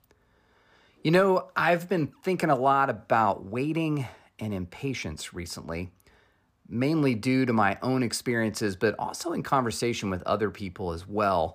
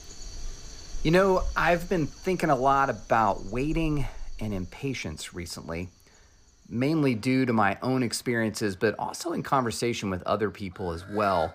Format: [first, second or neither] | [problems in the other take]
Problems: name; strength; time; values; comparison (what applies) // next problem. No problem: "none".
first | animal sounds; noticeable; throughout; 15 dB below the speech